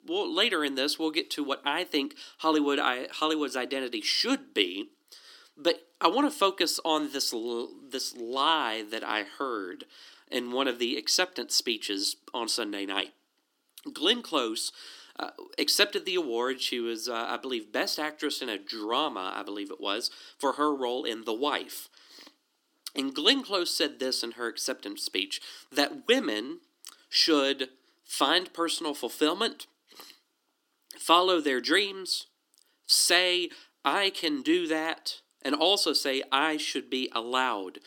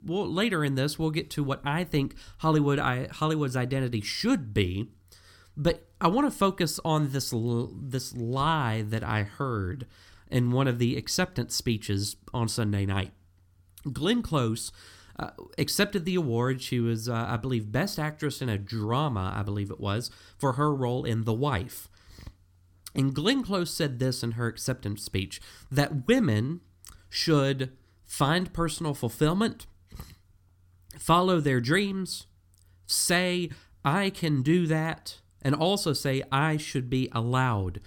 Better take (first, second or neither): second